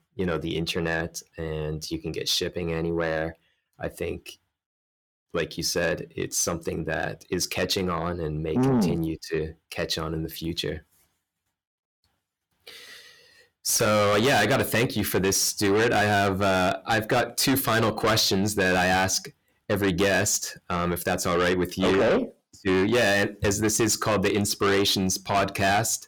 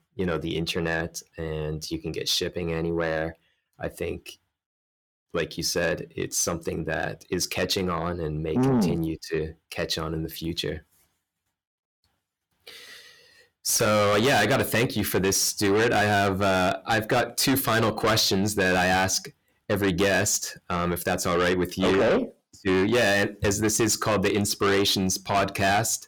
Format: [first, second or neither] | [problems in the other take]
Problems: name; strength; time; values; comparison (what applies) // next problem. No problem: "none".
neither | distortion; heavy; 6 dB below the speech; the same in both